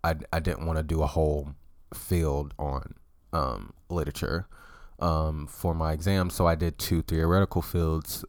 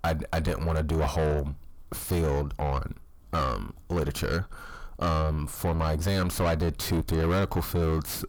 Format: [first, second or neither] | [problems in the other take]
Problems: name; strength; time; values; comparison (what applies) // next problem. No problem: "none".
first | distortion; heavy; 6 dB below the speech